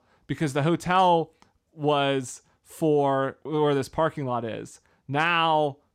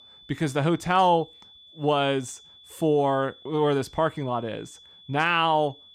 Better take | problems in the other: first | high-pitched whine; faint; throughout; 3.5 kHz, 25 dB below the speech

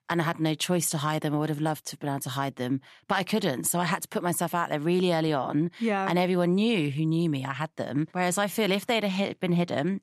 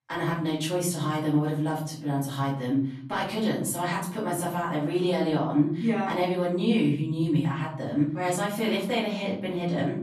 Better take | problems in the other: first | off-mic speech; far // room echo; slight; dies away in 0.9 s

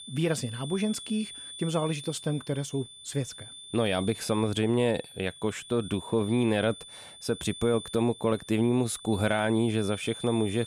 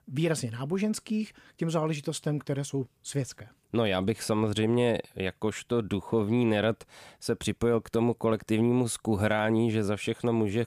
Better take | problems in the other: second | high-pitched whine; noticeable; throughout; 3.5 kHz, 15 dB below the speech

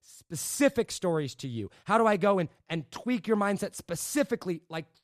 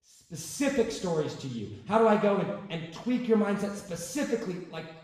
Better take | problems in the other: first | room echo; noticeable; dies away in 0.9 s // off-mic speech; far

